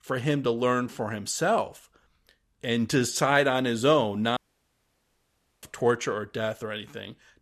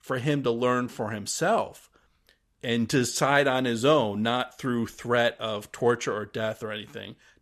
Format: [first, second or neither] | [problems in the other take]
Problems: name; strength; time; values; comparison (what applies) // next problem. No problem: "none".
second | audio cutting out; at 4.5 s for 1.5 s